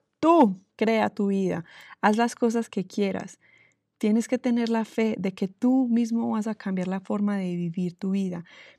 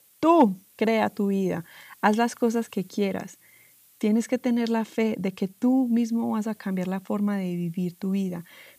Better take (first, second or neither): first